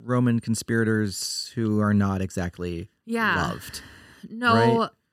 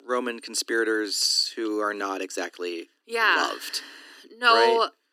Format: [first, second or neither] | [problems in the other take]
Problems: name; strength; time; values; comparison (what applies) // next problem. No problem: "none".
first | thin; very; fading below 300 Hz